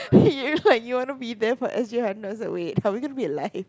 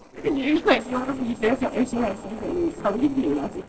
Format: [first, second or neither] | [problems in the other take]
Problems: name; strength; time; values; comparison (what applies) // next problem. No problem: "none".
first | noise reduction (neural separator model SepFormer DNS4)